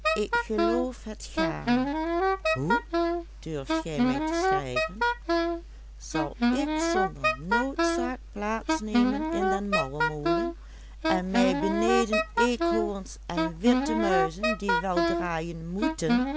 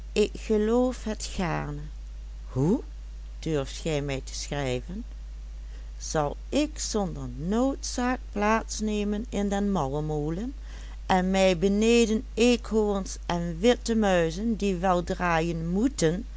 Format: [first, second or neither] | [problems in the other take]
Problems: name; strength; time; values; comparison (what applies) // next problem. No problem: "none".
second | background sound (Wind instrument, woodwind instrument); 4 dB above the speech